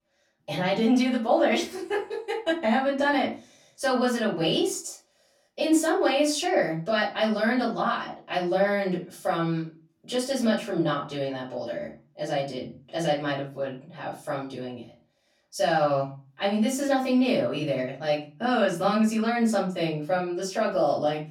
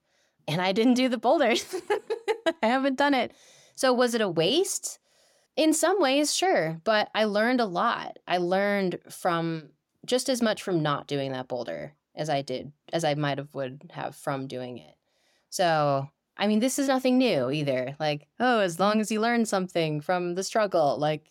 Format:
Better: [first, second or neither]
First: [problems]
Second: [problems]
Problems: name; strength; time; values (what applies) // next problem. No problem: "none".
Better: second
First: off-mic speech; far // room echo; slight; dies away in 0.3 s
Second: none